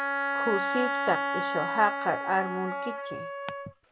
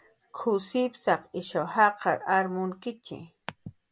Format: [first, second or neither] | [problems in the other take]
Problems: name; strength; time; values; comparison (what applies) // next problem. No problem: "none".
second | background sound (Wind instrument, woodwind instrument); as loud as the speech